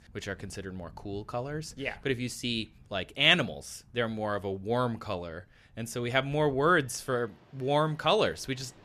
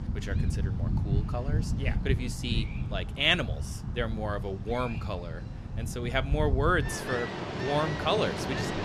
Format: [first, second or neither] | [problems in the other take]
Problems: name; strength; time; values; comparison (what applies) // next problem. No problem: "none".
first | rain or running water; loud; throughout; 1 dB below the speech; faint in the first